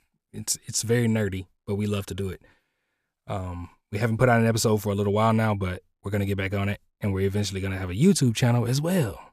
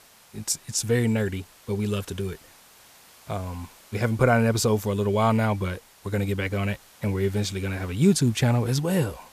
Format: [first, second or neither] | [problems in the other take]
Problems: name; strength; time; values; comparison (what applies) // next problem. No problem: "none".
first | hiss; faint; throughout; 25 dB below the speech